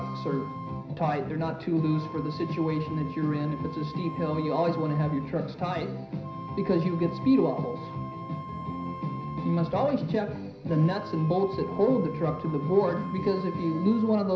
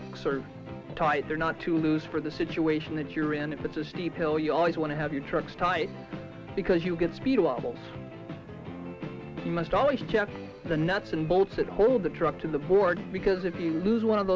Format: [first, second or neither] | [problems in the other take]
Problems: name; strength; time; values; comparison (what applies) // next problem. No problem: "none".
second | background sound (Wind instrument, woodwind instrument); 14 dB below the speech // room echo; dies away in 0.5 s